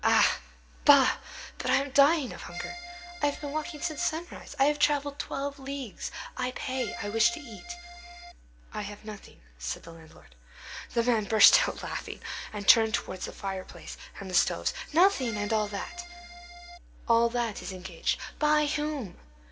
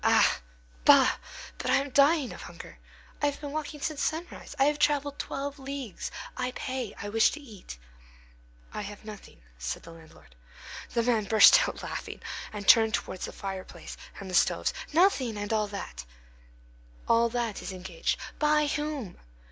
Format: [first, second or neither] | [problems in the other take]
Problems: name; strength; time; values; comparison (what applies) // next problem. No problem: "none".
second | background sound (Accordion); 12 dB below the speech // room echo; dies away in 1.1 s